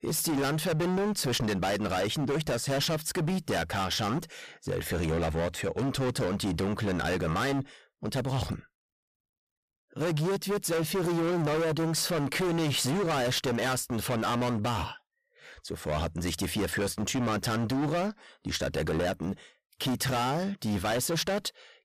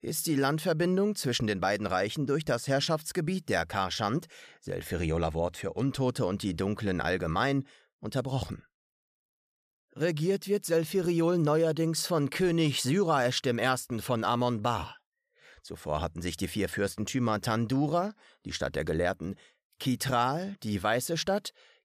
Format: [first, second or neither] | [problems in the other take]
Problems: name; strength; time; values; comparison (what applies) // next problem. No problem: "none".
second | distortion; heavy; 28% of the sound clipped